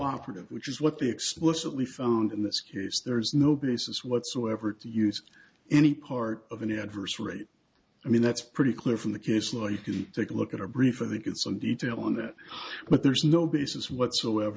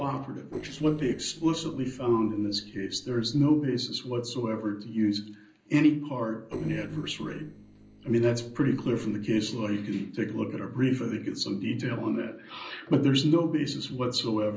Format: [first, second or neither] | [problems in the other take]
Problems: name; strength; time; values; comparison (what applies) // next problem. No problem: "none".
first | noise reduction (neural separator model SepFormer DNS4)